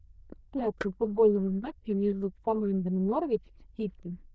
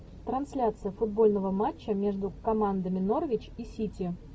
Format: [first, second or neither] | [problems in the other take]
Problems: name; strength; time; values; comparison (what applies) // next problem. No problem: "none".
second | noise reduction (neural diffusion model UNIVERSE++)